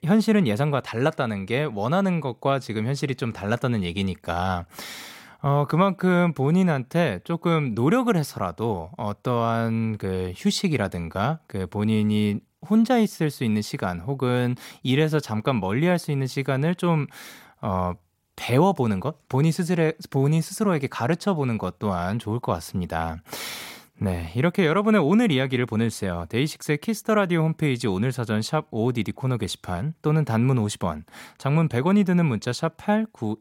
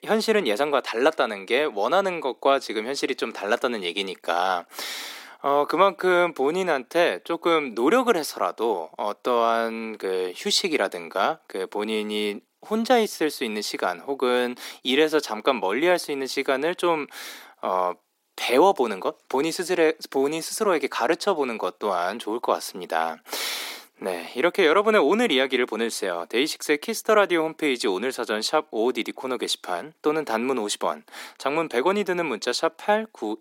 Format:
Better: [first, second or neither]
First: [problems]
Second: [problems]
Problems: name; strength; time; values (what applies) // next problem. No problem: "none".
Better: first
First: none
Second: thin; somewhat; fading below 300 Hz